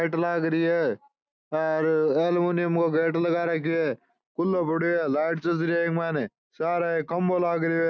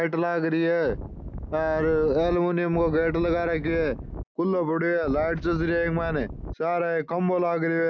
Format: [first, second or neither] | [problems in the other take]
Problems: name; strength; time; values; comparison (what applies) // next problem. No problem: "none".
first | background sound (Wind); 11 dB below the speech